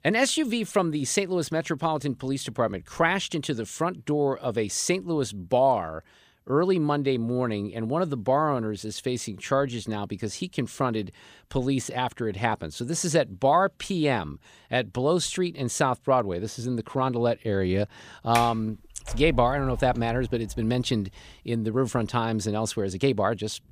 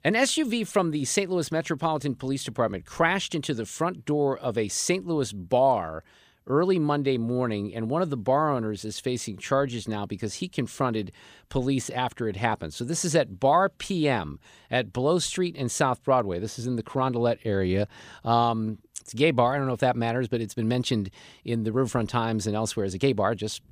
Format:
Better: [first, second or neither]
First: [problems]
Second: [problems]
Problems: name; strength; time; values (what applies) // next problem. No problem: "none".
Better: second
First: door banging; noticeable; from 18 to 21 s; peak 6 dB below the speech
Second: none